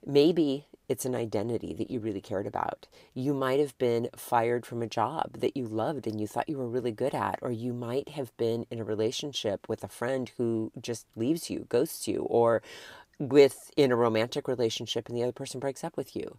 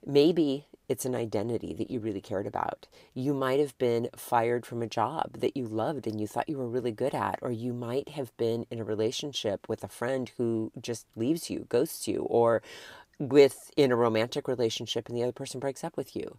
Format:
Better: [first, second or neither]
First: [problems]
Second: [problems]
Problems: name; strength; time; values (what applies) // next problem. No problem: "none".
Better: neither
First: none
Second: none